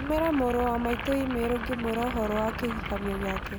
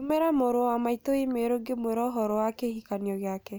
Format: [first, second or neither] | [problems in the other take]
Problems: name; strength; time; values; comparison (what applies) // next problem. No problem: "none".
second | background sound (Subway, metro, underground / Train + Boiling); 6 dB below the speech